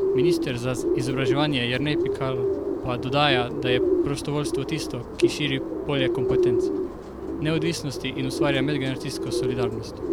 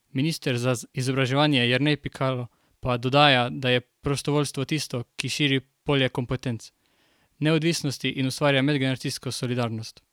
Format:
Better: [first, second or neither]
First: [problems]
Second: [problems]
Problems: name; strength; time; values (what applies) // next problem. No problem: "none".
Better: second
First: background sound (Bird); 2 dB above the speech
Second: none